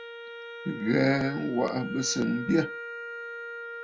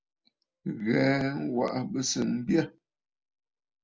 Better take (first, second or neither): second